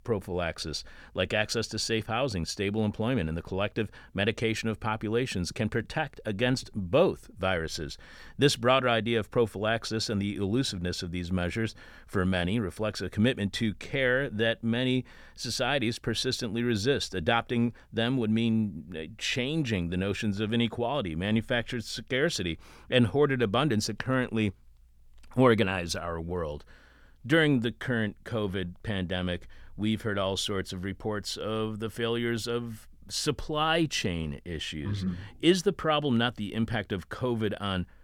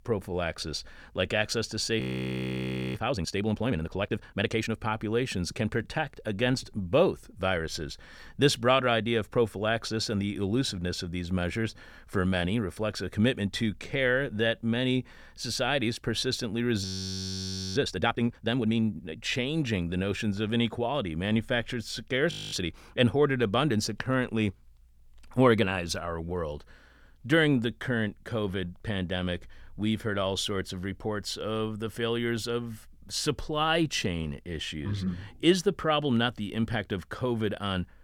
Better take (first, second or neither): first